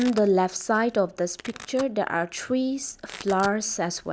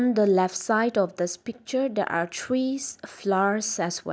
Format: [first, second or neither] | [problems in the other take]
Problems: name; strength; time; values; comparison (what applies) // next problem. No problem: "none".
second | background sound (Domestic sounds, home sounds); 19 dB below the speech